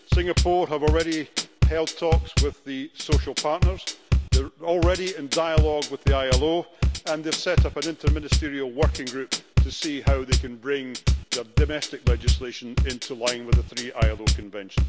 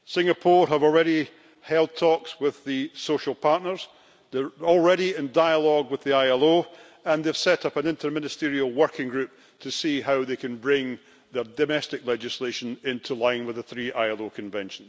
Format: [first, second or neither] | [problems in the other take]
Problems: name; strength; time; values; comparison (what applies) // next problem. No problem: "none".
second | background sound (Bass drum / Drum kit); 4 dB above the speech